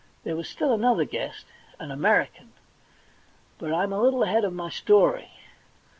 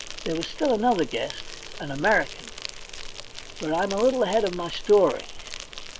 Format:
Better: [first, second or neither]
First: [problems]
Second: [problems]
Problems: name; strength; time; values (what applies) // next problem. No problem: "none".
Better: first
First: none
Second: background sound (Insect); 11 dB below the speech